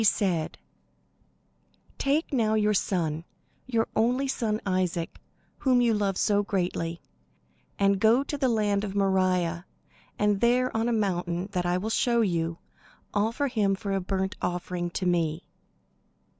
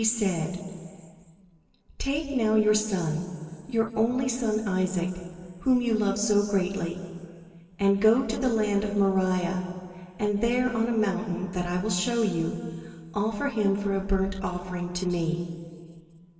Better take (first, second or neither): first